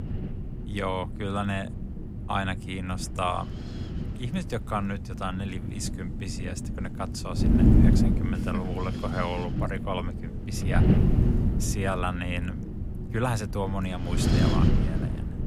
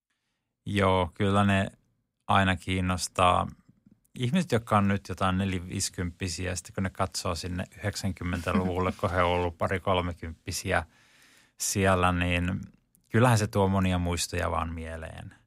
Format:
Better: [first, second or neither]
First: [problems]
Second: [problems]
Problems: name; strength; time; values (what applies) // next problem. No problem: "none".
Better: second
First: wind noise on the microphone; heavy; 3 dB below the speech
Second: none